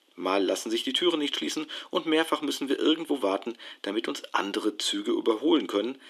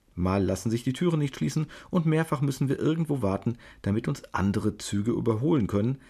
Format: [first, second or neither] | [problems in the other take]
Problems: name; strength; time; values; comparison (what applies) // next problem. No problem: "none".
second | thin; somewhat; fading below 300 Hz